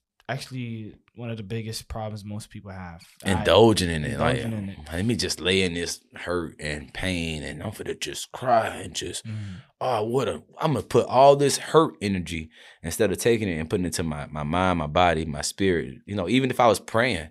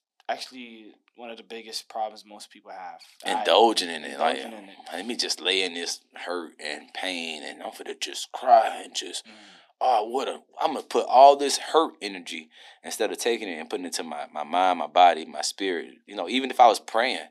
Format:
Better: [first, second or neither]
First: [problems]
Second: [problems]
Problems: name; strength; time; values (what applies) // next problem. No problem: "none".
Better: first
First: none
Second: thin; somewhat; fading below 250 Hz